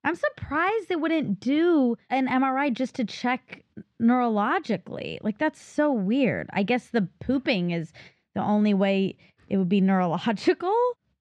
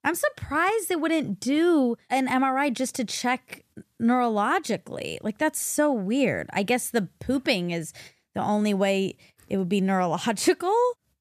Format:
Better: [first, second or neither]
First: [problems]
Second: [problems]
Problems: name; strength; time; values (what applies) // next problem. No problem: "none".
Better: second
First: muffled; slightly; fading above 4 kHz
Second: none